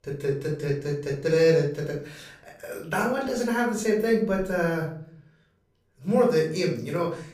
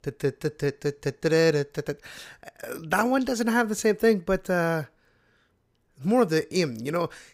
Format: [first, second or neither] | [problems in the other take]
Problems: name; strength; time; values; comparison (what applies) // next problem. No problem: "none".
second | off-mic speech; far // room echo; slight; dies away in 0.5 s